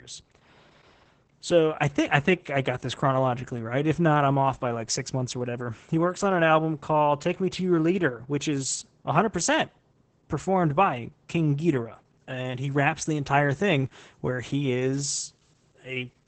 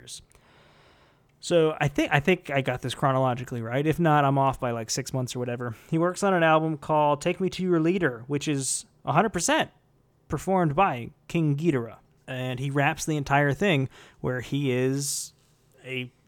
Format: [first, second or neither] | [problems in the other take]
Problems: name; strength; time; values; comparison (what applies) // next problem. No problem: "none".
second | garbled, watery; badly; nothing above 8 kHz